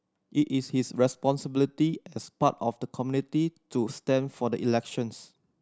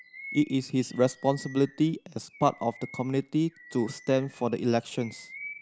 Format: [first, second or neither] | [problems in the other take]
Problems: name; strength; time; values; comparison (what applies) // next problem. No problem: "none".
first | background sound (Bird vocalization, bird call, bird song); 19 dB below the speech